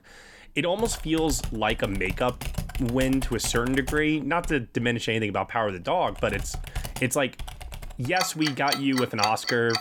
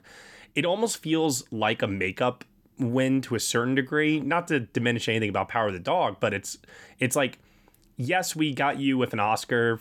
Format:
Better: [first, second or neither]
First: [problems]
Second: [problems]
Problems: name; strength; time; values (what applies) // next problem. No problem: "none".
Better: second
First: household noises; loud; throughout; 8 dB below the speech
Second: none